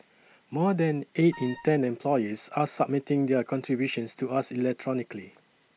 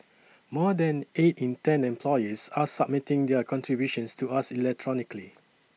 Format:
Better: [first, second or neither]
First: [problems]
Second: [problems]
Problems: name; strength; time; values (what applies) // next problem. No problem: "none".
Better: second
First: background sound (Wind instrument, woodwind instrument); 18 dB below the speech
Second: none